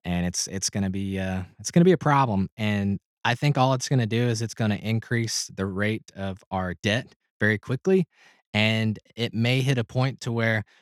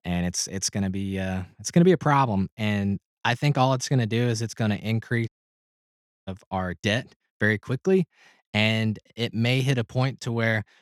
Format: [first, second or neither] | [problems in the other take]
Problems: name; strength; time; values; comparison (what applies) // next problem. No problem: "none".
first | audio cutting out; at 5.5 s for 1 s